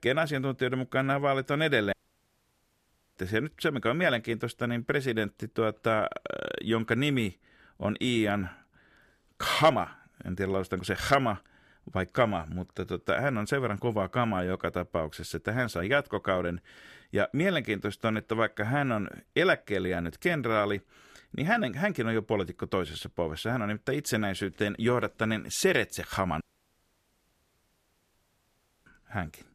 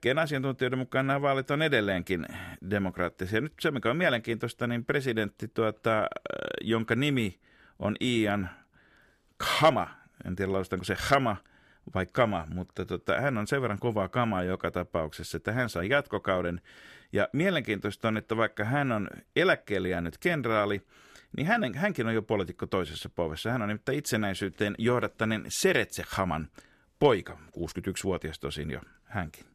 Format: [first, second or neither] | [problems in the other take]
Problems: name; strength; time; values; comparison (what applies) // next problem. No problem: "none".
second | audio cutting out; at 2 s for 1 s and at 26 s for 2.5 s